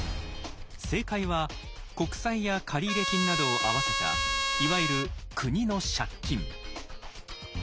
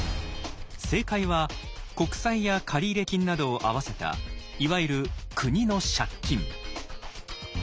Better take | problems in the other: second | background sound (Trumpet); 1 dB above the speech

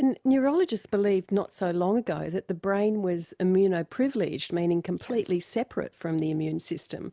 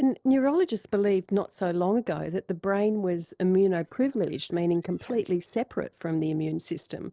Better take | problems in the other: first | noise reduction (neural separator model SepFormer DNS4)

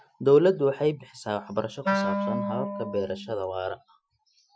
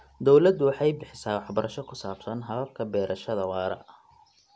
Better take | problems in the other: second | noise reduction (classical method Wiener filter)

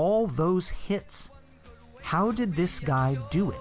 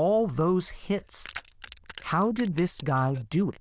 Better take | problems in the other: first | noise reduction (neural diffusion model UNIVERSE++)

